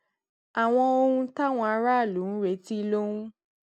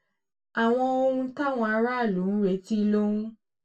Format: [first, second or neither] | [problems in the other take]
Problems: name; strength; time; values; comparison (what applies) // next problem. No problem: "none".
first | room echo; dies away in 0.1 s